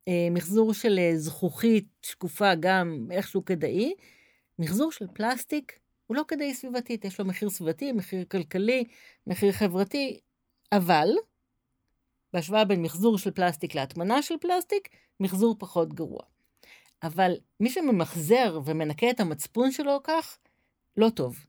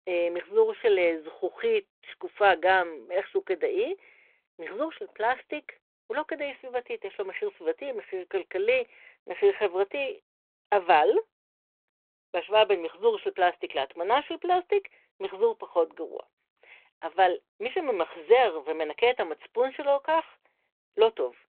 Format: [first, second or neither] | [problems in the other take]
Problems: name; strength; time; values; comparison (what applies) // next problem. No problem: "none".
first | phone-call audio